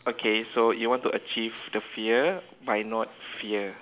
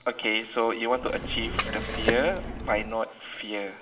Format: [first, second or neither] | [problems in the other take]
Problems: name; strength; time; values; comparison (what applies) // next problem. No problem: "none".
first | background sound (Liquid); 3 dB below the speech // room echo; dies away in 1.3 s